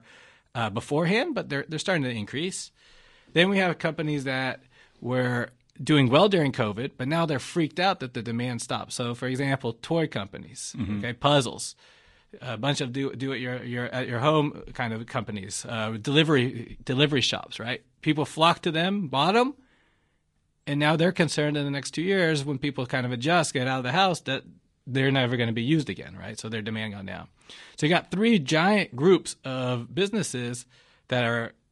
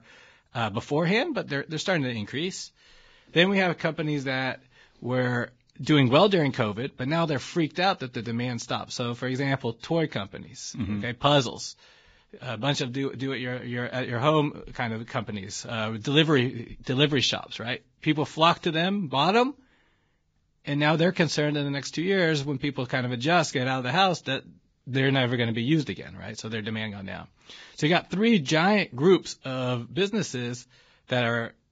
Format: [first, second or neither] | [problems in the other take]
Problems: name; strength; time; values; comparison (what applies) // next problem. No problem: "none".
first | garbled, watery; badly; nothing above 7.5 kHz; slightly in the first